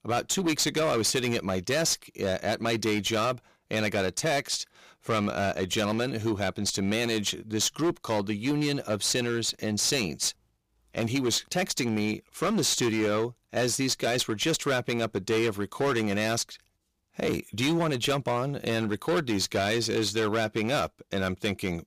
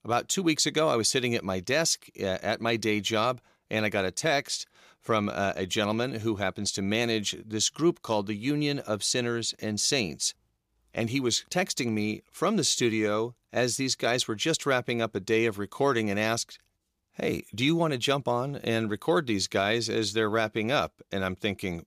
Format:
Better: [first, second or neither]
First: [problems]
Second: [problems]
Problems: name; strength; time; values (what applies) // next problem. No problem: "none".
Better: second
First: distortion; slight; 13% of the sound clipped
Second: none